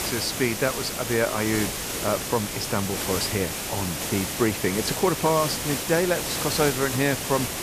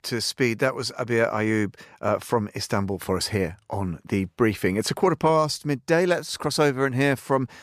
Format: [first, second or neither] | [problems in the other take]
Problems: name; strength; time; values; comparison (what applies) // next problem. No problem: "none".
second | hiss; loud; throughout; 2 dB below the speech